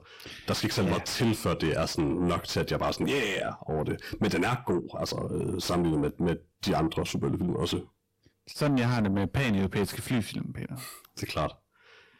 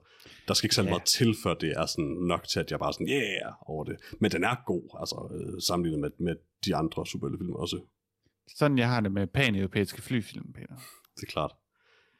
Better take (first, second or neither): second